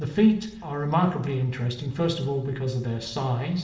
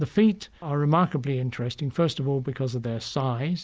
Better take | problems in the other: second | room echo; dies away in 0.8 s

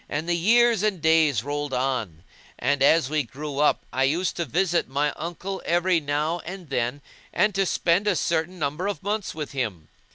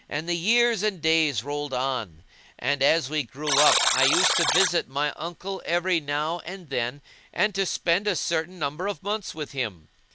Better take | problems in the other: first | background sound (Alarm); as loud as the speech

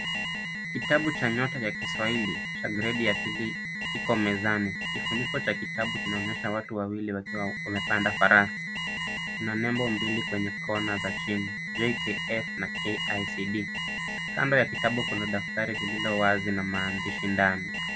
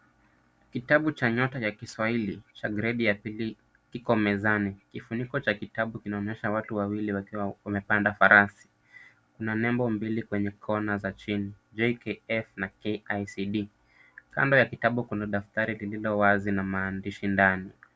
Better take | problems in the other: second | background sound (Alarm); 3 dB below the speech

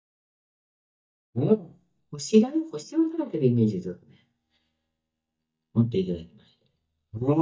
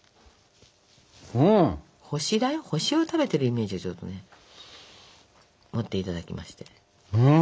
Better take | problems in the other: second | noise reduction (neural mask model DeepFilterNet 3)

